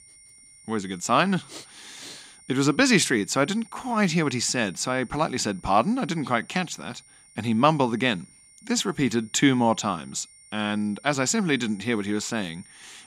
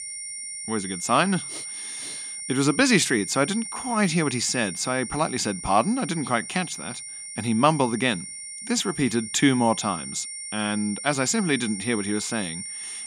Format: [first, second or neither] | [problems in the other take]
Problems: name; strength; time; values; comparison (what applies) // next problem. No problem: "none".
first | high-pitched whine; loud; throughout; 9 kHz, 8 dB below the speech; faint in the first